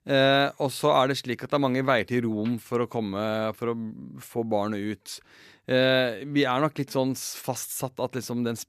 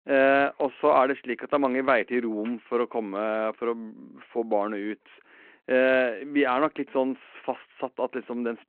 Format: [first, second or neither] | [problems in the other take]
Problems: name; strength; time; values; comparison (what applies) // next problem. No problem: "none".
first | phone-call audio